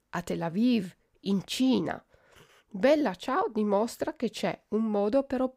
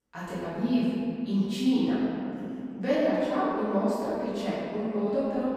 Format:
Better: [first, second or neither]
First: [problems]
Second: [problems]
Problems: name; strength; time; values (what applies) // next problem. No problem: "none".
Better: first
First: none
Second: off-mic speech; far // room echo; strong; dies away in 2.8 s